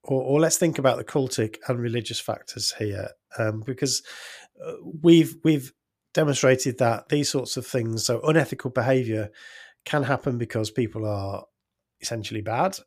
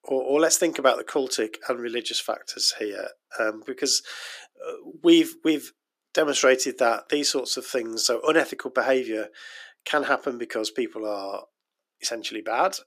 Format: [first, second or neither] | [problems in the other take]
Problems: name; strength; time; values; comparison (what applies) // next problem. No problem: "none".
first | thin; somewhat; fading below 300 Hz